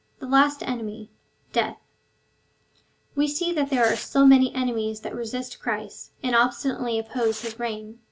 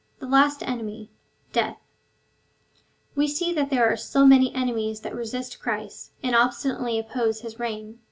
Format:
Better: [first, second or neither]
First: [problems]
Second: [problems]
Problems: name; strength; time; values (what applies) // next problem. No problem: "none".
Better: second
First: background sound (Tearing); 19 dB below the speech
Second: none